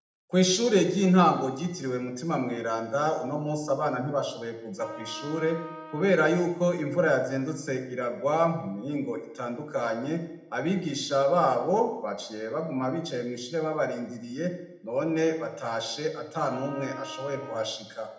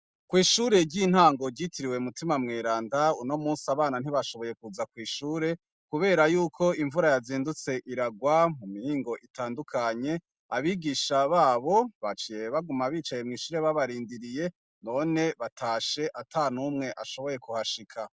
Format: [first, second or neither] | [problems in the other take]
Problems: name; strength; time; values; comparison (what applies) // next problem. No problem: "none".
second | background sound (Trumpet); 15 dB below the speech // room echo; dies away in 0.7 s